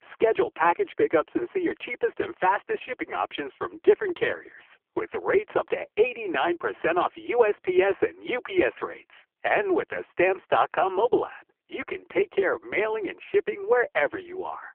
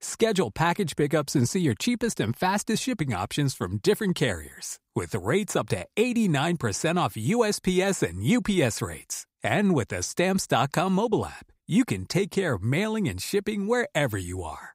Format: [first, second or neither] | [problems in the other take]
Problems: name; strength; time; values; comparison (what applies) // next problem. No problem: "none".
second | phone-call audio; poor line; nothing above 3.5 kHz